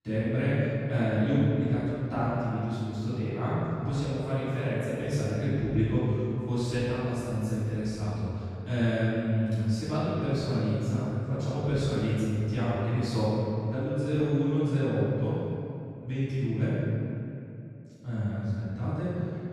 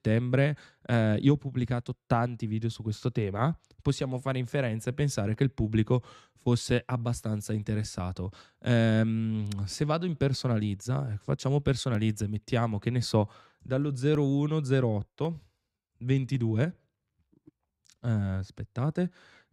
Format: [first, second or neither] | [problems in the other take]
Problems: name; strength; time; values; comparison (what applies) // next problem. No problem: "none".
second | off-mic speech; far // room echo; strong; dies away in 2.5 s